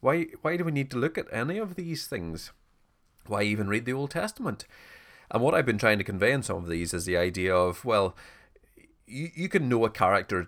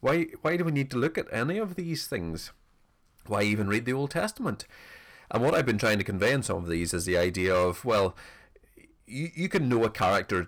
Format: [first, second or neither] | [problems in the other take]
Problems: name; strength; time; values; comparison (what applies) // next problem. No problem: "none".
first | distortion; slight; 4% of the sound clipped